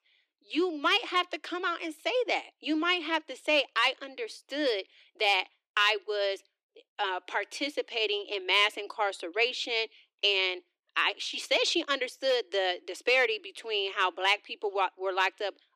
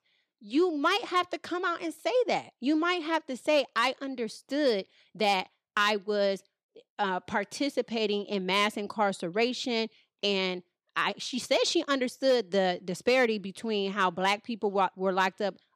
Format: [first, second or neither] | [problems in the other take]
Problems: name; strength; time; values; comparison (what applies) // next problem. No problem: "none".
second | thin; somewhat; fading below 300 Hz